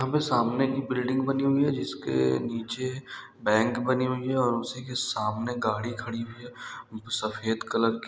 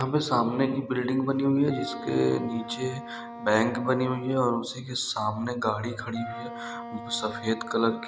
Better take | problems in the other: first | background sound (Wind instrument, woodwind instrument); 14 dB below the speech

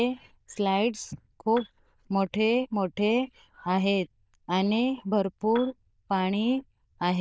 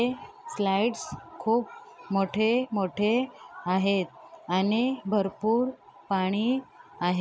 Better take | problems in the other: second | noise reduction (neural diffusion model UNIVERSE++)

